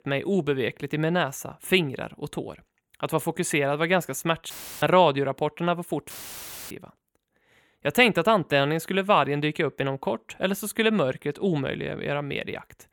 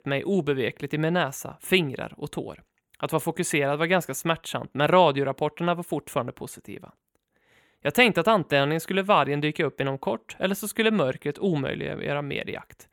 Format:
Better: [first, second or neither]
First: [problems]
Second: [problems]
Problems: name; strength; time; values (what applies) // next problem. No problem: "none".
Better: second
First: audio cutting out; filled with static; at 4.5 s and at 6 s for 0.5 s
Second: none